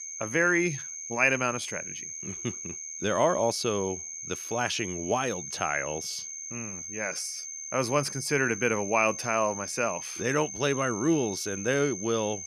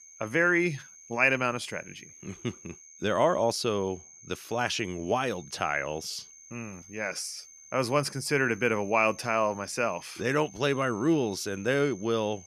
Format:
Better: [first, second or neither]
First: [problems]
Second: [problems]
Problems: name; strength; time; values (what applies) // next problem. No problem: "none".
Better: second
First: high-pitched whine; loud; throughout; 6.5 kHz, 8 dB below the speech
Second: high-pitched whine; faint; throughout; 6.5 kHz, 20 dB below the speech